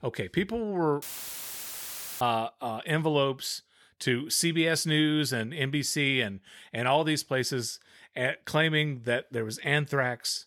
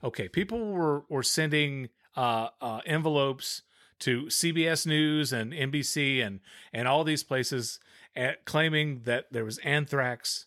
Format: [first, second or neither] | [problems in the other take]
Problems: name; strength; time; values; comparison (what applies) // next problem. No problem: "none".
second | audio cutting out; filled with static; at 1 s for 1 s